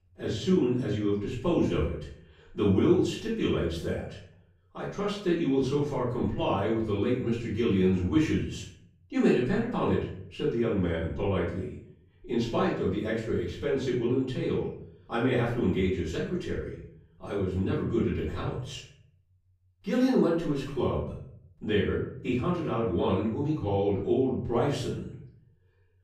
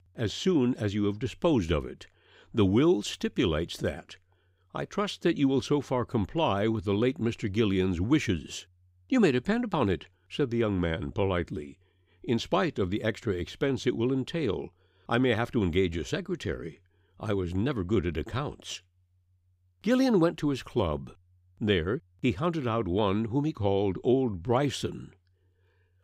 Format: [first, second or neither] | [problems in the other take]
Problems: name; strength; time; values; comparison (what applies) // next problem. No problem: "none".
second | off-mic speech; far // room echo; noticeable; dies away in 0.6 s